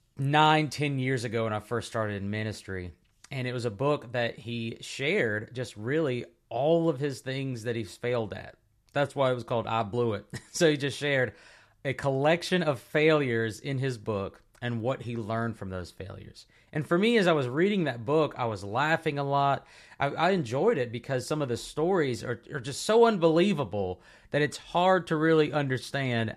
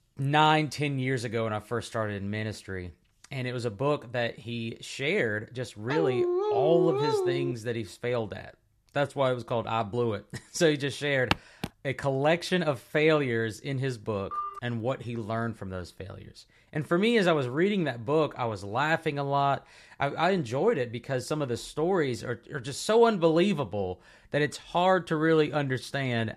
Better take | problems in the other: first | dog barking; loud; from 6 to 7.5 s; peak 2 dB above the speech // footsteps; very faint; at 11 s; peak 2 dB below the speech // phone ringing; noticeable; at 14 s; peak 7 dB below the speech

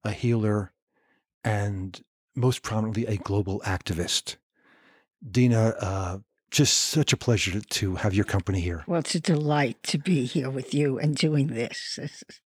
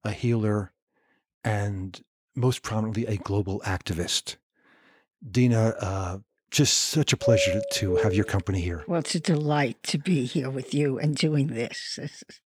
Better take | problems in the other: first | doorbell; loud; from 7 to 8 s; peak 2 dB above the speech

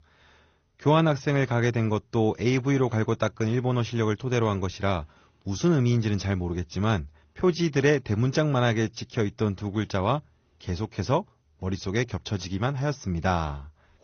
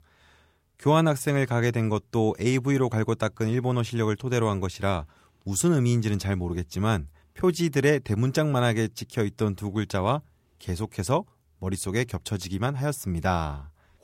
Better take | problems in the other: second | garbled, watery; slightly; nothing above 6.5 kHz

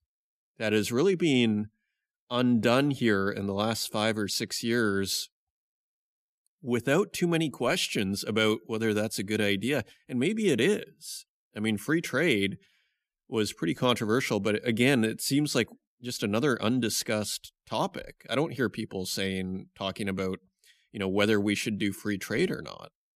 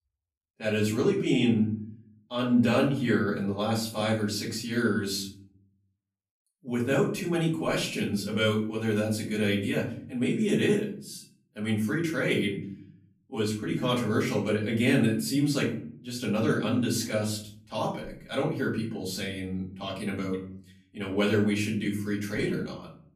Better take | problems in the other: first | off-mic speech; far // room echo; slight; dies away in 0.6 s

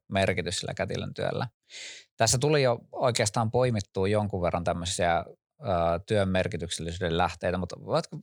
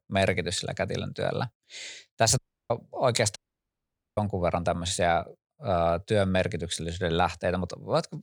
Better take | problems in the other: first | audio cutting out; at 2.5 s and at 3.5 s for 1 s

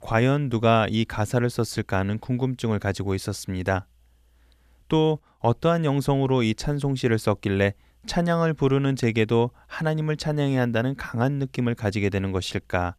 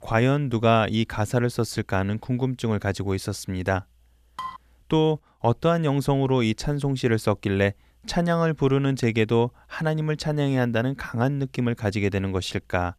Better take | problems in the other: first | clattering dishes; faint; at 4.5 s; peak 10 dB below the speech

